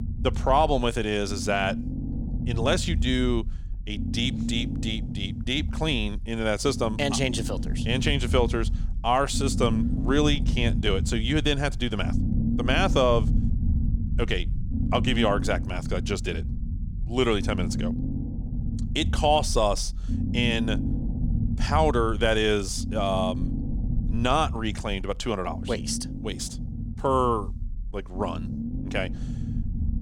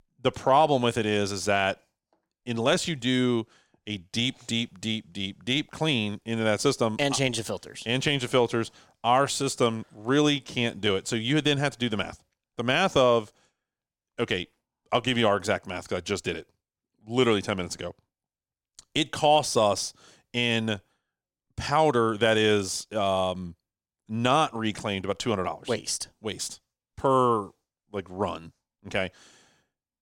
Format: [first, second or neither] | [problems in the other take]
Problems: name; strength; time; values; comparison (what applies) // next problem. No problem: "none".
second | low rumble; noticeable; throughout; 15 dB below the speech